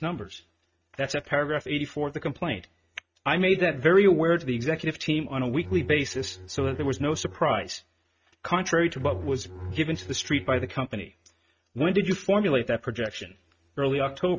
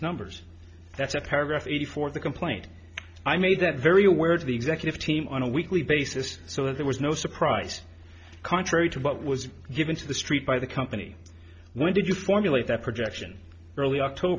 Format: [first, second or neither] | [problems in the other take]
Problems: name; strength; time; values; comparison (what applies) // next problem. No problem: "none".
second | noise reduction (neural mask model RNNoise)